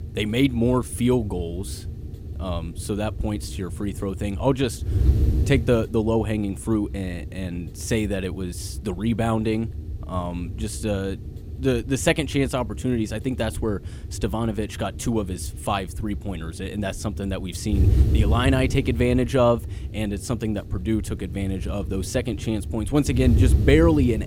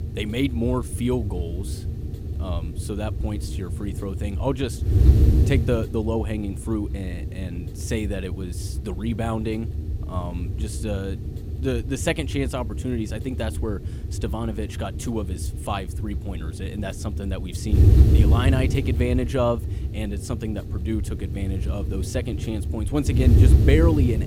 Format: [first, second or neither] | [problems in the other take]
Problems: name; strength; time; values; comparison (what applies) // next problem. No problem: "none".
first | wind noise on the microphone; heavy; 7 dB below the speech; occasional gusts in the first